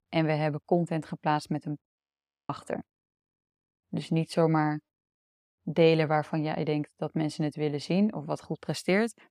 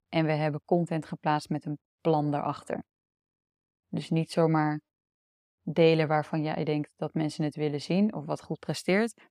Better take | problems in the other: second | audio freezing; at 2 s for 0.5 s

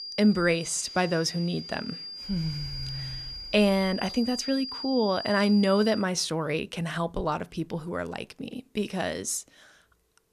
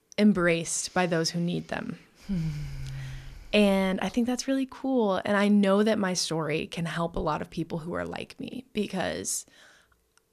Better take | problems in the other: second | high-pitched whine; loud; until 6 s; 5 kHz, 9 dB below the speech

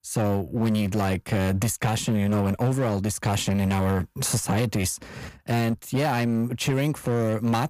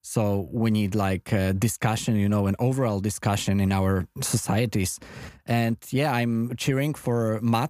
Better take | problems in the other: second | distortion; slight; 12% of the sound clipped

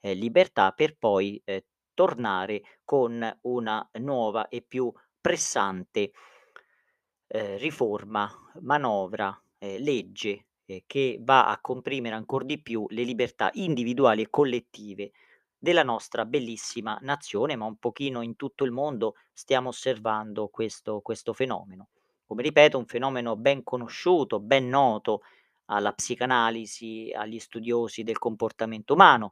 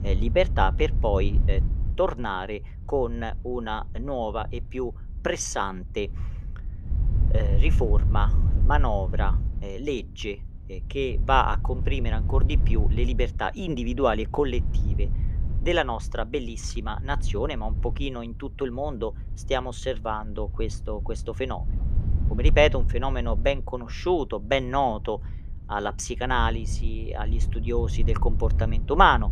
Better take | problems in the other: first | wind noise on the microphone; occasional gusts; 20 dB below the speech

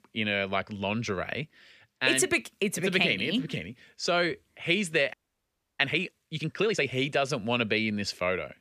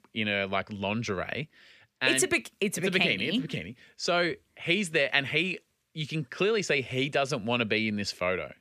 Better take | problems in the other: second | audio freezing; at 5 s for 0.5 s

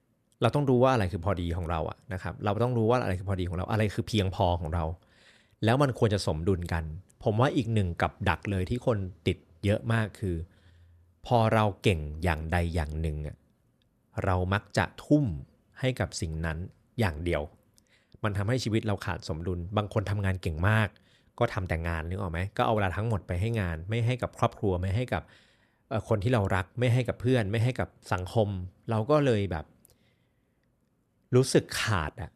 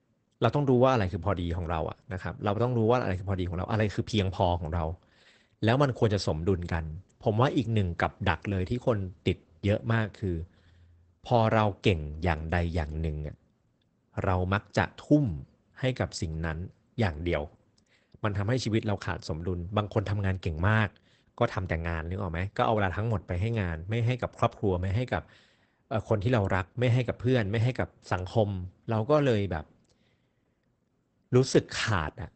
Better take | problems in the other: first | garbled, watery; badly; nothing above 8 kHz

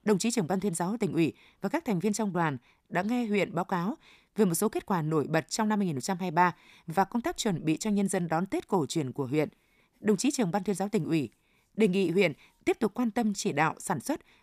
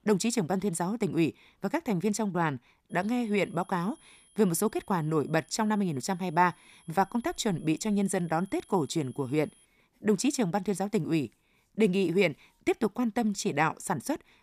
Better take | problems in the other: first | high-pitched whine; faint; from 3 to 9.5 s; 11 kHz, 30 dB below the speech

